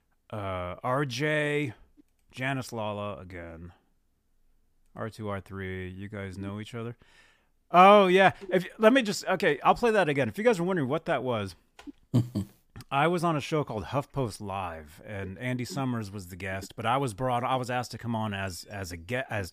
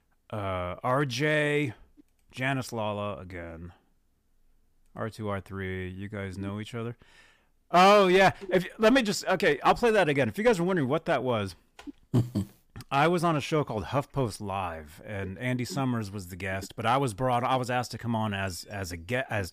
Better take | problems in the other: first | distortion; slight; 2% of the sound clipped

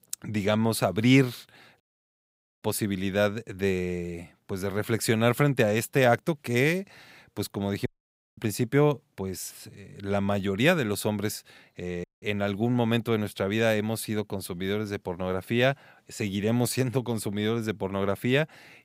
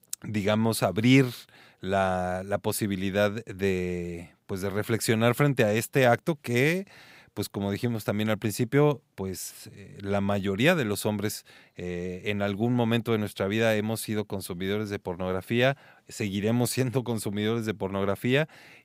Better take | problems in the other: second | audio cutting out; at 2 s for 1 s, at 8 s for 0.5 s and at 12 s

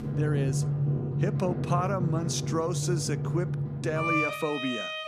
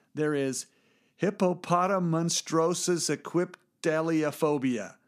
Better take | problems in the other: second | background music; very loud; throughout; 2 dB above the speech

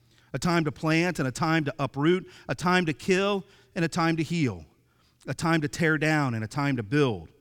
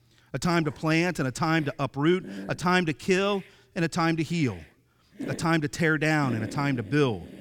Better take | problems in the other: first | hiss; noticeable; throughout; 15 dB below the speech

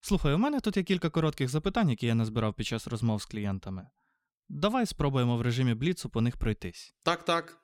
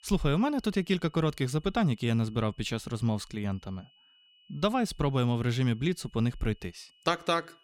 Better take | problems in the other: first | high-pitched whine; faint; throughout; 3 kHz, 30 dB below the speech

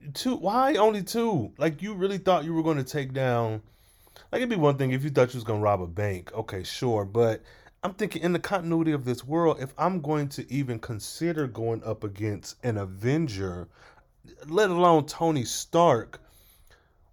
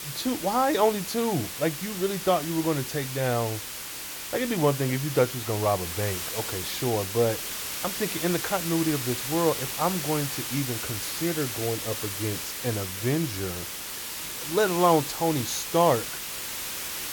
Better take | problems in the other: first | hiss; loud; throughout; 4 dB below the speech

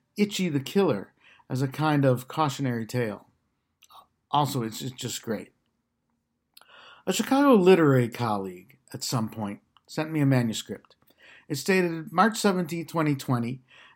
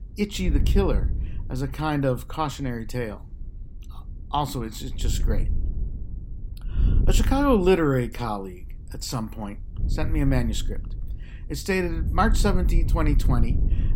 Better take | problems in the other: first | wind noise on the microphone; occasional gusts; 15 dB below the speech

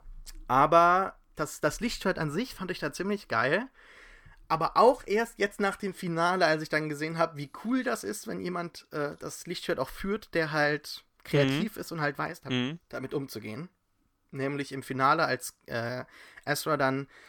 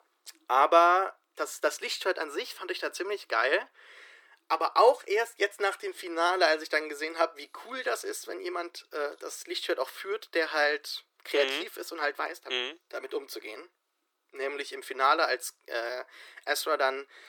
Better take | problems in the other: first | thin; very; fading below 350 Hz

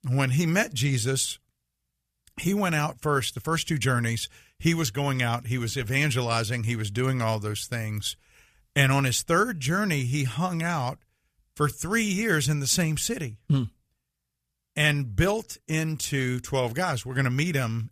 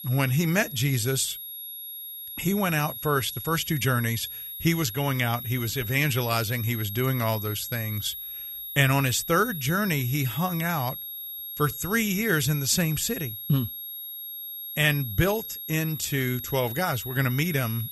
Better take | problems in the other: first | high-pitched whine; loud; throughout; 11.5 kHz, 8 dB below the speech

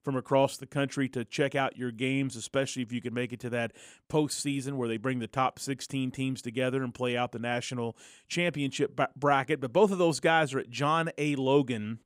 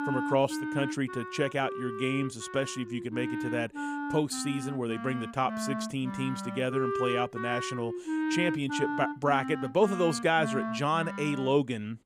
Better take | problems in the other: first | background music; loud; throughout; 5 dB below the speech

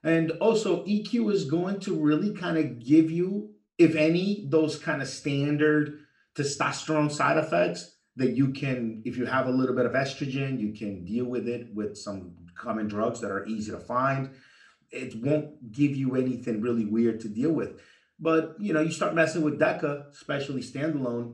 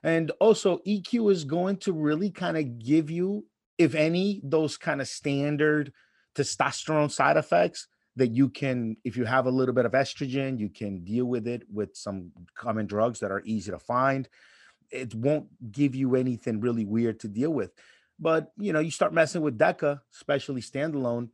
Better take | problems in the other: second | room echo; very slight; dies away in 0.4 s // off-mic speech; somewhat distant

